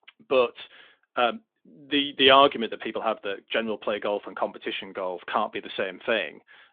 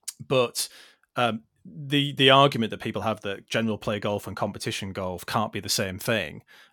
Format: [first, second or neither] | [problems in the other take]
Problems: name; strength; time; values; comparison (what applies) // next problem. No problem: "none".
second | phone-call audio; nothing above 3.5 kHz